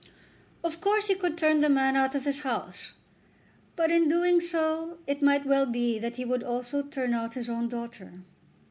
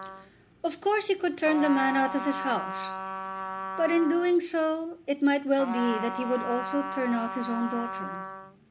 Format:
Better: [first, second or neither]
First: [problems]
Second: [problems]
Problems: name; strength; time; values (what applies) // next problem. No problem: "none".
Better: first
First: none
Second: background sound (Trumpet); 8 dB below the speech